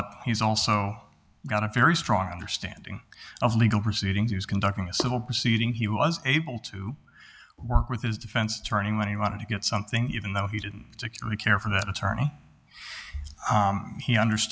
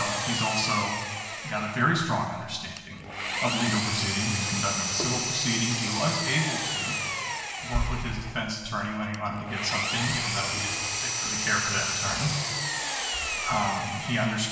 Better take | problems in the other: first | background sound (Engine); 2 dB below the speech // room echo; dies away in 1.2 s

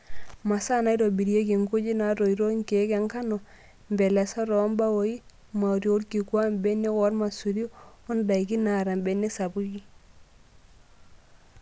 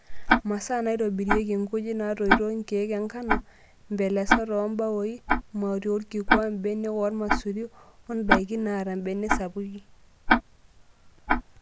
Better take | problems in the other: first | background sound (Tick-tock); as loud as the speech

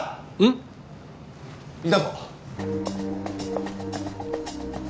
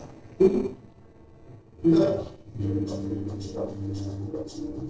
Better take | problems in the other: first | noise reduction (neural separator model SepFormer DNS4)

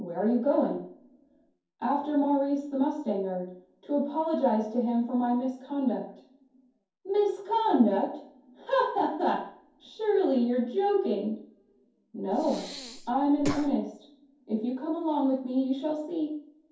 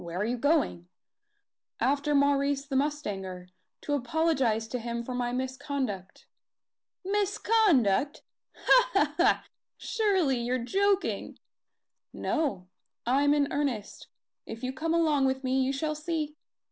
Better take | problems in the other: second | background sound (Breathing); 9 dB below the speech // room echo; dies away in 0.6 s

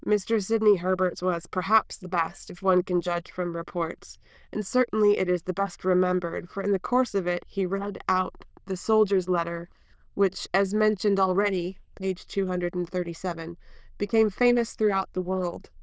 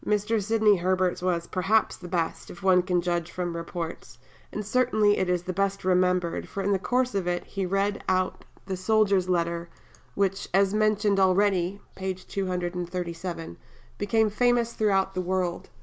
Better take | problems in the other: second | noise reduction (neural diffusion model UNIVERSE++)

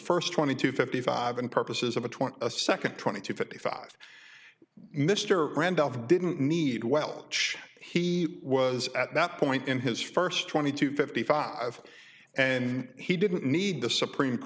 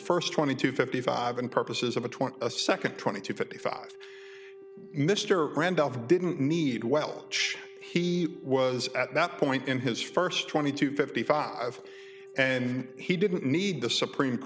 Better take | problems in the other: first | background sound (Wind instrument, woodwind instrument); 19 dB below the speech

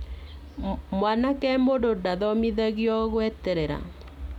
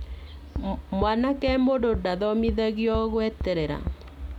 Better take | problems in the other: first | background sound (Bass drum); 10 dB below the speech

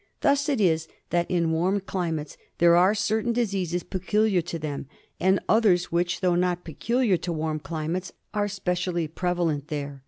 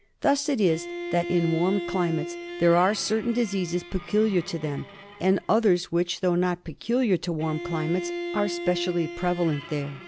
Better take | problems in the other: first | background sound (Bowed string instrument); 10 dB below the speech

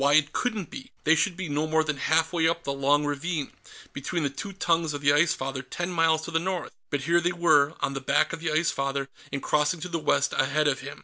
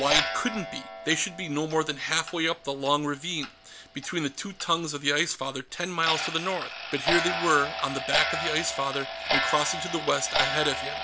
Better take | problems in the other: first | background sound (Clock); 4 dB below the speech

